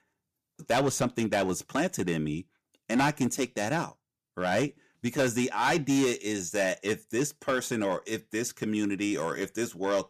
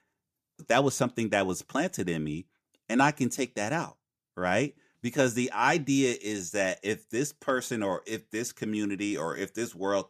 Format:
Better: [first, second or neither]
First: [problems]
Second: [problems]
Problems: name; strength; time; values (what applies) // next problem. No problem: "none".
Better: second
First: distortion; slight; 5% of the sound clipped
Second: none